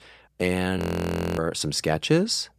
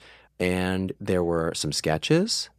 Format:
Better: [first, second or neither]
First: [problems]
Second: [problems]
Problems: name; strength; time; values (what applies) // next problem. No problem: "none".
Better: second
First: audio freezing; at 1 s for 0.5 s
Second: none